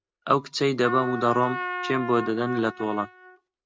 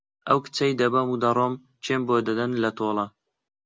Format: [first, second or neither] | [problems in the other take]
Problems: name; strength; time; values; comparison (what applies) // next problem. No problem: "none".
second | noise reduction (neural mask model RNNoise)